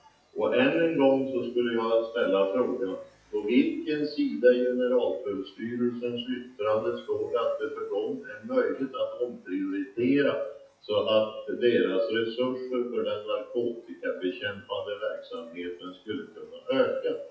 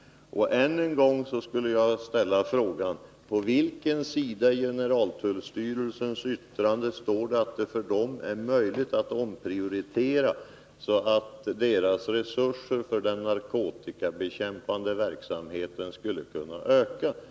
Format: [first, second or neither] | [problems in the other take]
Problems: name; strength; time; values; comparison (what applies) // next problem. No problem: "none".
second | noise reduction (classical method WPE with log-MMSE)